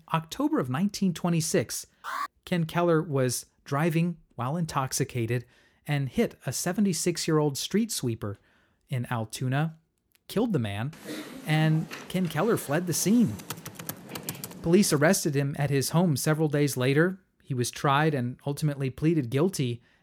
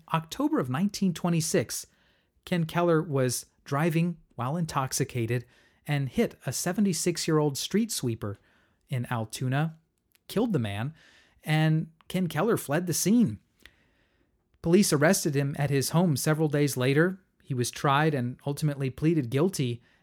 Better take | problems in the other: second | alarm; noticeable; at 2 s; peak 7 dB below the speech // keyboard typing; noticeable; from 11 to 15 s; peak 9 dB below the speech

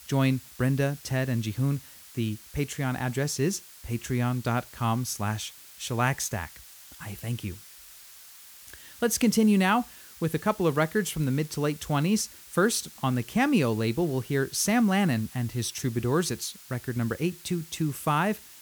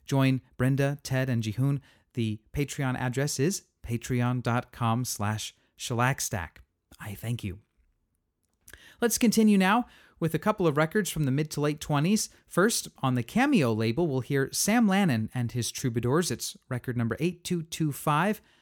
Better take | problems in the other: second | hiss; noticeable; throughout; 20 dB below the speech

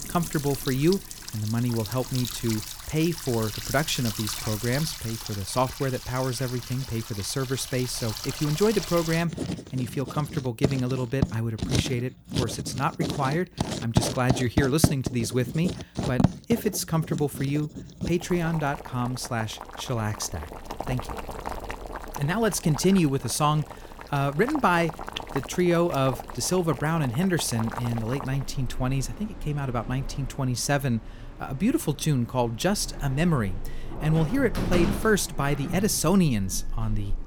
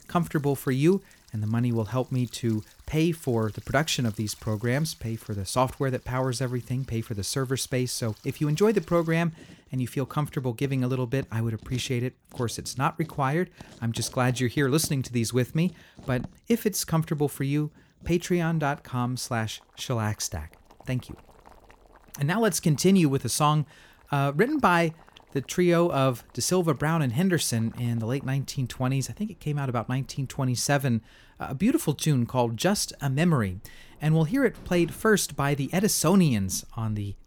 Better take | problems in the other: second | household noises; loud; throughout; 7 dB below the speech; faint in the second

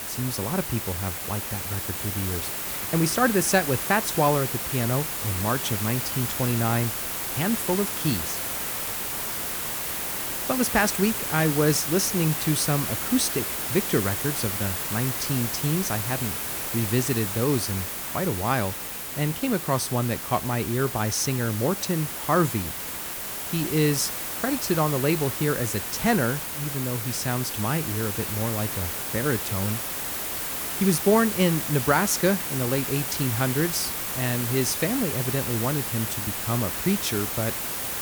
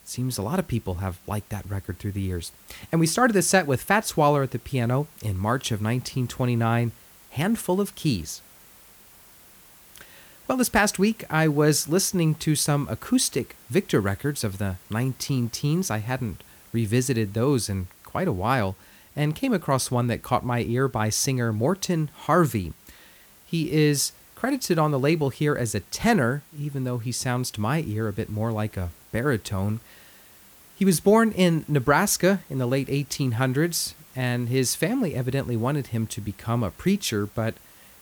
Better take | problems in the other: second | hiss; loud; throughout; 2 dB below the speech; faint in the second

